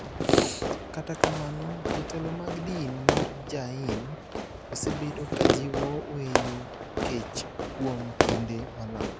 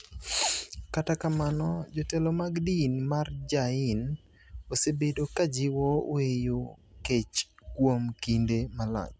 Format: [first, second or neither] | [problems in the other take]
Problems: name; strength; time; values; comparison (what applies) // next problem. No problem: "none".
second | background sound (Fireworks); 5 dB above the speech